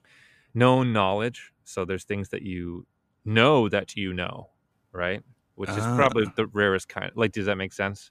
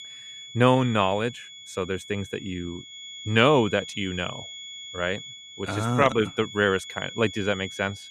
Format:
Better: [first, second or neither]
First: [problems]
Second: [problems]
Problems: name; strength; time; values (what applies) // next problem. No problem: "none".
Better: first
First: none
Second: high-pitched whine; noticeable; throughout; 3.5 kHz, 15 dB below the speech